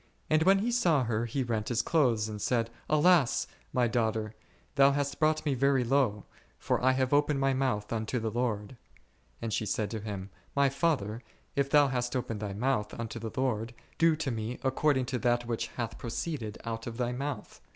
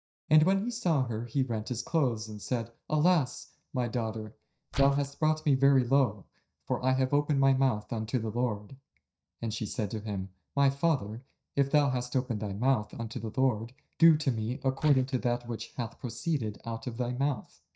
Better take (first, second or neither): first